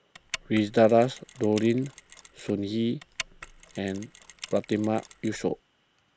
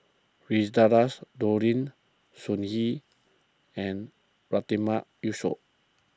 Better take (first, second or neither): second